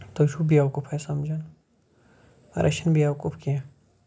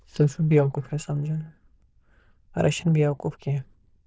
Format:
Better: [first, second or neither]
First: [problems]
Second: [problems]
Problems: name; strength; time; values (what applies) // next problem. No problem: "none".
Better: first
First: none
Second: noise reduction (neural diffusion model UNIVERSE++)